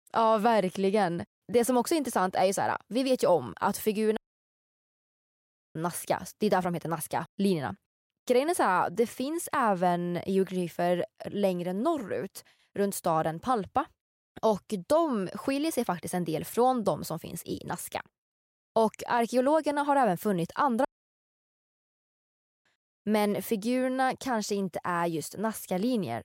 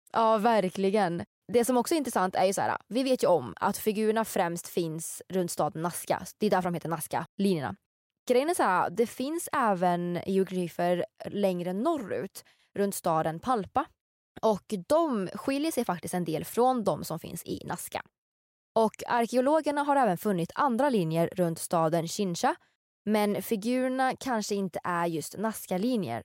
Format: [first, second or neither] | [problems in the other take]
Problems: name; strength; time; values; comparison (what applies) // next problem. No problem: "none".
second | audio cutting out; at 4 s for 1.5 s and at 21 s for 2 s